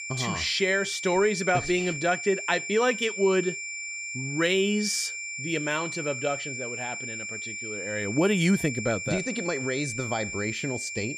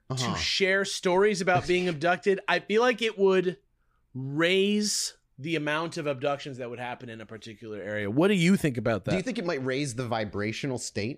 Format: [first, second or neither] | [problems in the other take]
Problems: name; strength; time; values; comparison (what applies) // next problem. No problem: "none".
second | high-pitched whine; loud; throughout; 2.5 kHz, 6 dB below the speech